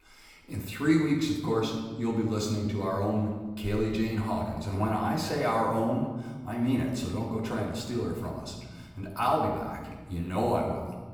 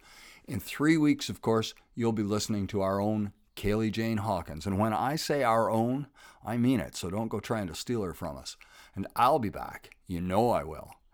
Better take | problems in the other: second | off-mic speech; far // room echo; noticeable; dies away in 1.4 s

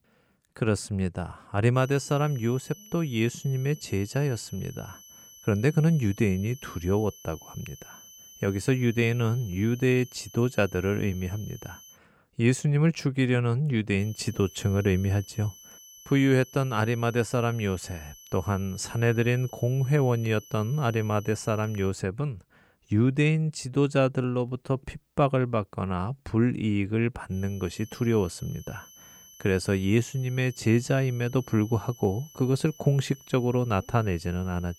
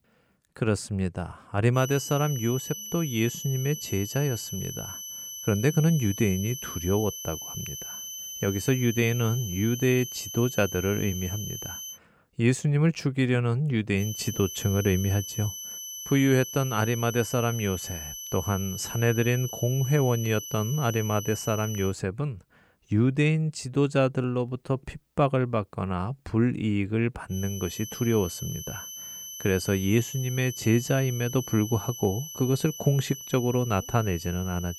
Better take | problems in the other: first | high-pitched whine; loud; from 2 to 12 s, from 14 to 22 s and from 27 s on; 6 kHz, 9 dB below the speech; faint in the first

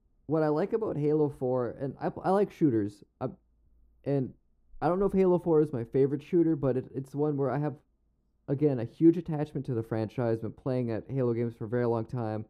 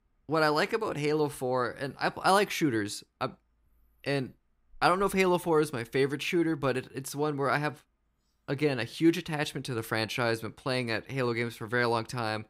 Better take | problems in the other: second | muffled; very; fading above 1 kHz

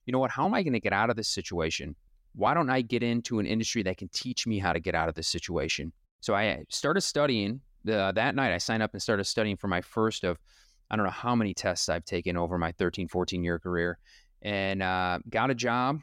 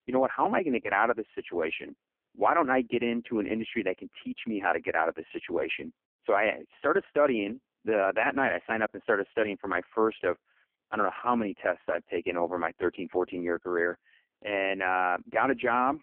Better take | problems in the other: first | phone-call audio; poor line; nothing above 3 kHz

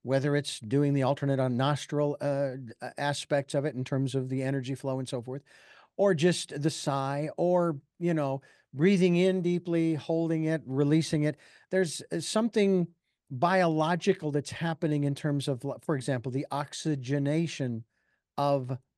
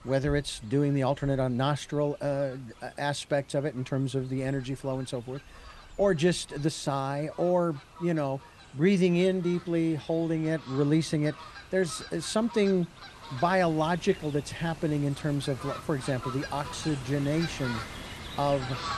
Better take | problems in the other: first | animal sounds; noticeable; throughout; 15 dB below the speech

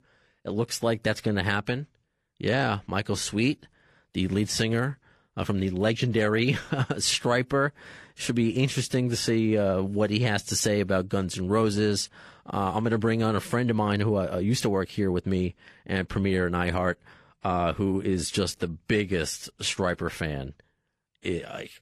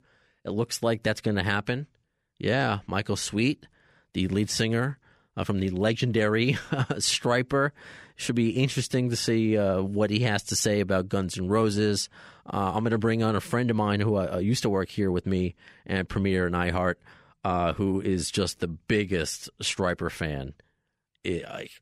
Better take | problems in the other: second | garbled, watery; slightly

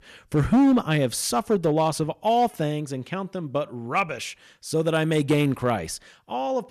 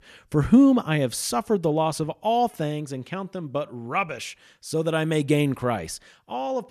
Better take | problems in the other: second | distortion; slight; 4% of the sound clipped

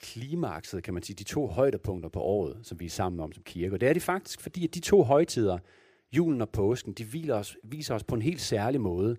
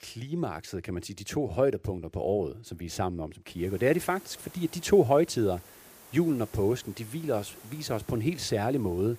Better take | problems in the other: first | hiss; faint; from 3.5 s on; 20 dB below the speech

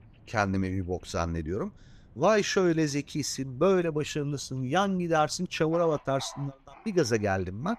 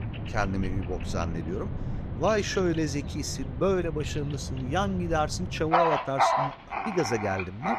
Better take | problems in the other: first | animal sounds; loud; throughout; 2 dB below the speech; faint in the first

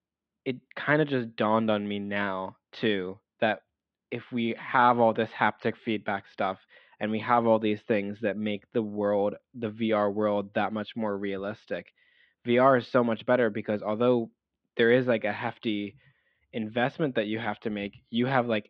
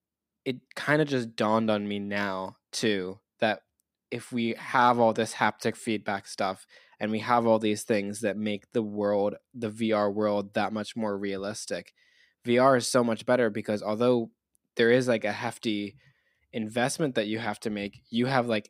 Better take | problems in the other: second | muffled; very; fading above 3.5 kHz

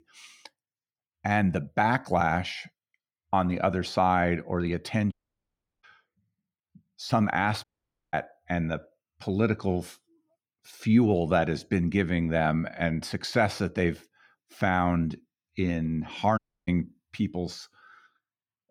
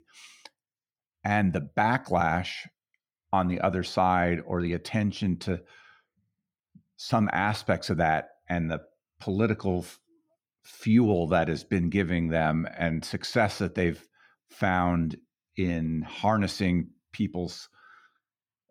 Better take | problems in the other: second | audio cutting out; at 5 s for 0.5 s, at 7.5 s and at 16 s

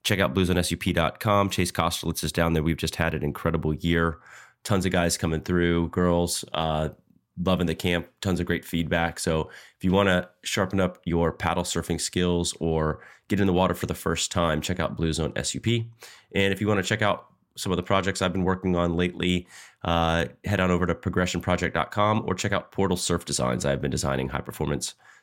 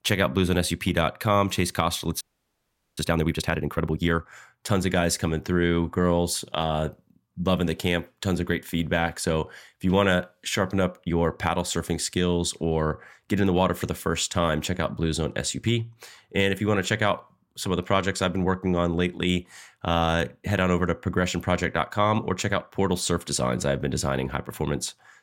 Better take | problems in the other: first | audio freezing; at 2 s for 1 s

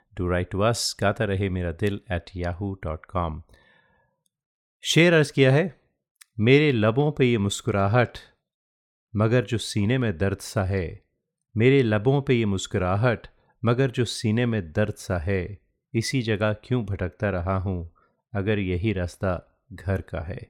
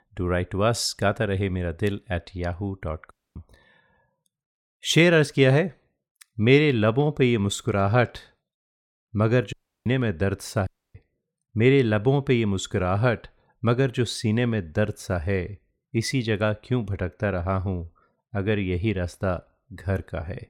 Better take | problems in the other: first | audio cutting out; at 3 s, at 9.5 s and at 11 s

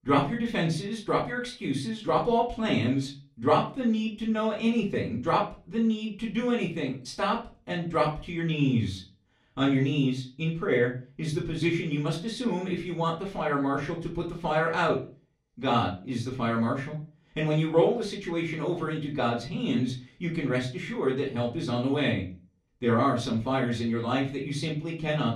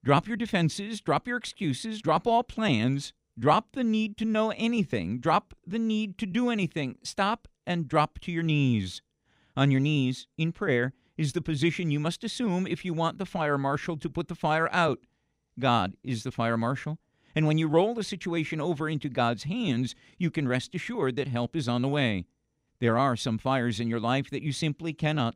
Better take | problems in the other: second | off-mic speech; far // room echo; very slight; dies away in 0.3 s

